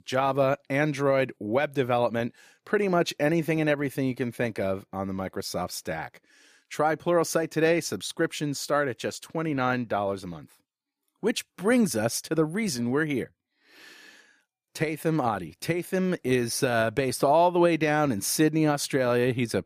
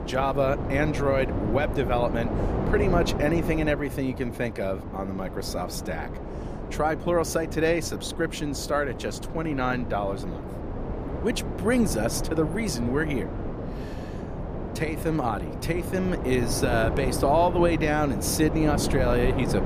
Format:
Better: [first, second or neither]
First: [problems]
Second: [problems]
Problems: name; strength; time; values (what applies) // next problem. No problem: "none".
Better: first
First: none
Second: wind noise on the microphone; heavy; 8 dB below the speech